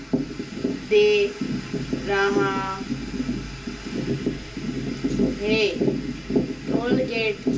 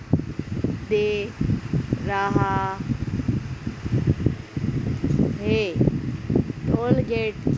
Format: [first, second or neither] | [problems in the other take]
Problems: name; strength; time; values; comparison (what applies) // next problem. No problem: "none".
second | room echo; dies away in 0.3 s